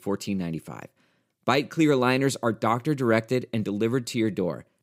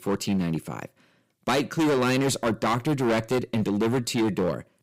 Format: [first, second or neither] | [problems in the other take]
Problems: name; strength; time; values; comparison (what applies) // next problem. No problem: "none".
first | distortion; heavy; 15% of the sound clipped